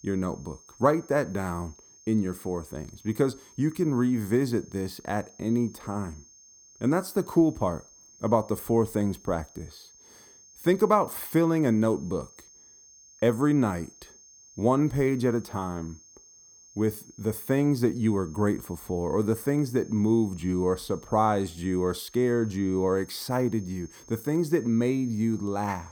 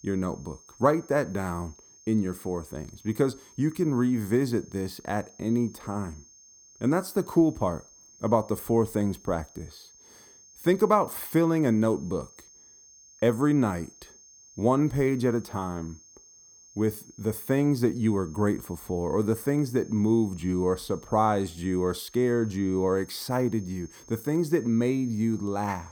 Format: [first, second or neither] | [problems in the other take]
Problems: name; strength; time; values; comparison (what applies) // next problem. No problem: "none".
neither | high-pitched whine; faint; throughout; 6.5 kHz, 25 dB below the speech; the same in both